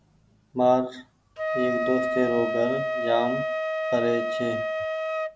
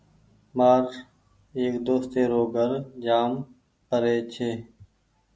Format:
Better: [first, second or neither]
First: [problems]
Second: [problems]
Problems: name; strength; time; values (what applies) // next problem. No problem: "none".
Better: second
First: background sound (Wind instrument, woodwind instrument); 1 dB below the speech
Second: none